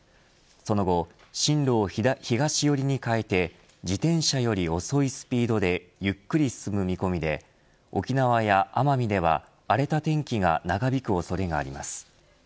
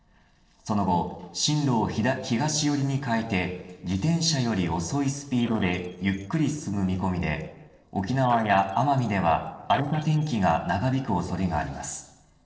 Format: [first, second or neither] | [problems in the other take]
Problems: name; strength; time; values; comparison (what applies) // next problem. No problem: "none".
first | noise reduction (neural separator model SepFormer DNS4)